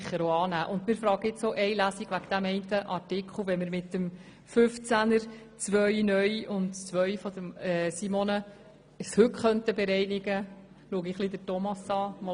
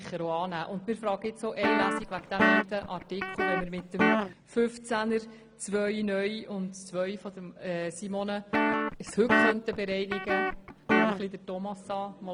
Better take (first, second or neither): first